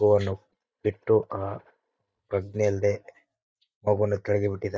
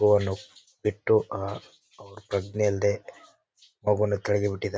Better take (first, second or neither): second